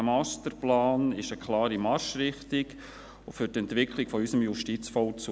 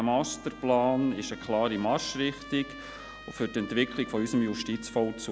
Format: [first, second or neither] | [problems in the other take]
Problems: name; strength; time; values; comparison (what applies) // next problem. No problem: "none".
first | background sound (Trumpet); 18 dB below the speech